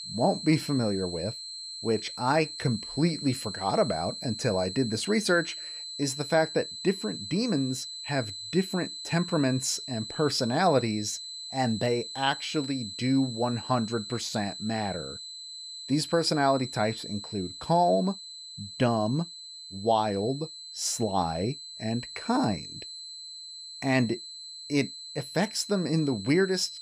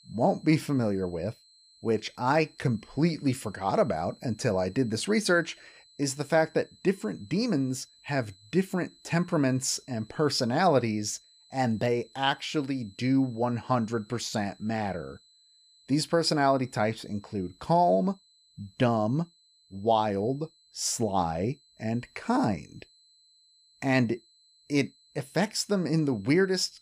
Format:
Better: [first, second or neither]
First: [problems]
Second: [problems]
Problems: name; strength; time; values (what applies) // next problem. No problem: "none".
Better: second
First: high-pitched whine; loud; throughout; 4 kHz, 9 dB below the speech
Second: high-pitched whine; faint; throughout; 4 kHz, 30 dB below the speech